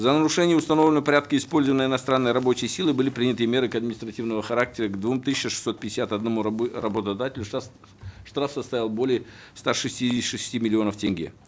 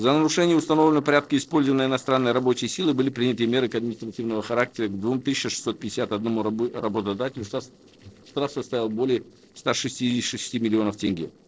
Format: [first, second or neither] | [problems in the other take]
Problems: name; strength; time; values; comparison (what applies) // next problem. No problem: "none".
first | noise reduction (neural separator model SepFormer DNS4)